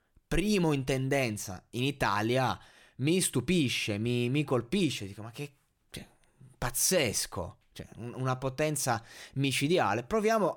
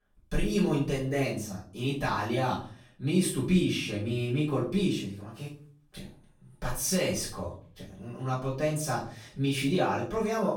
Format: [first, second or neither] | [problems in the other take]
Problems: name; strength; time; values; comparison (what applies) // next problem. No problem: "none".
first | room echo; noticeable; dies away in 0.4 s // off-mic speech; far